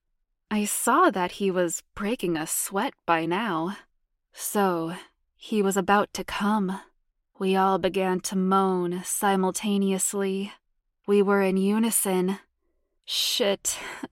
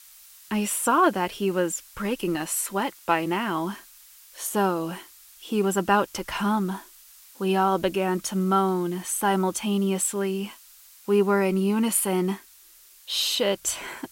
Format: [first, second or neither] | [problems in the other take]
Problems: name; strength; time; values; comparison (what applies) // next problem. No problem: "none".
first | hiss; faint; throughout; 25 dB below the speech